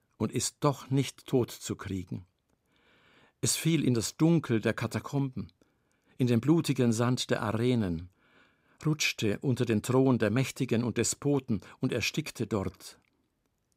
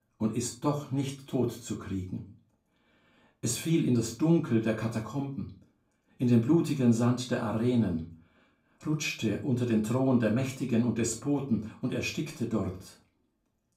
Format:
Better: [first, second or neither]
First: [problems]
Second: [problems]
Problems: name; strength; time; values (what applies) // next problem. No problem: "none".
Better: first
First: none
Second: off-mic speech; far // room echo; slight; dies away in 0.3 s